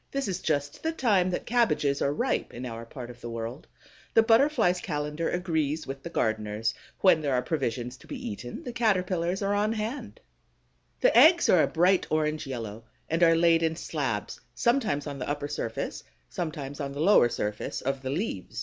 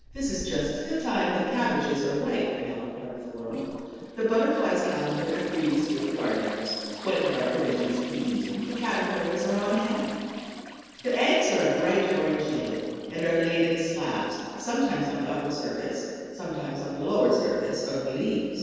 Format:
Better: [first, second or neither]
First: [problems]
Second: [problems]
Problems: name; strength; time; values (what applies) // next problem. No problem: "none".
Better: first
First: none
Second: noise reduction (neural separator model SepFormer DNS4)